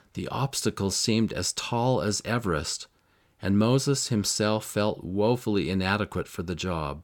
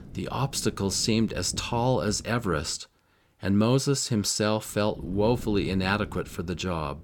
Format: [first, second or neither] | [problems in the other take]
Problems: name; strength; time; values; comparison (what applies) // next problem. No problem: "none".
first | wind noise on the microphone; occasional gusts; until 3 s and from 4.5 s on; 20 dB below the speech